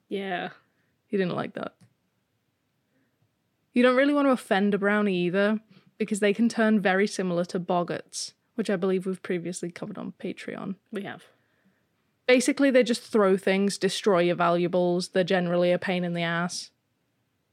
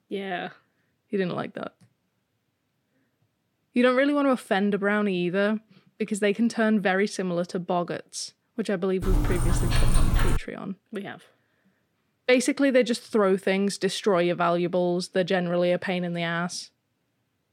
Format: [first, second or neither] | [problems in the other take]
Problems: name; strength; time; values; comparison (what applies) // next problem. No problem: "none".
first | dog barking; loud; from 9 to 10 s; peak level with the speech